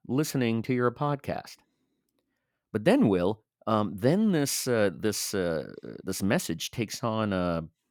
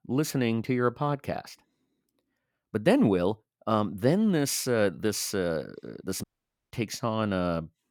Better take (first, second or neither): first